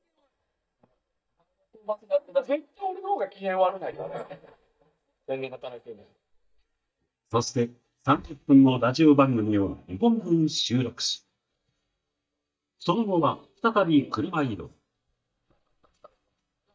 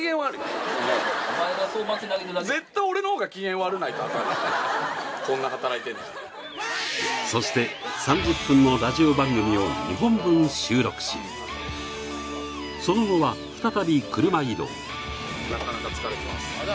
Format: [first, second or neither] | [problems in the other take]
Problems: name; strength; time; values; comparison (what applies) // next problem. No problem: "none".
second | noise reduction (neural mask model DeepFilterNet 3)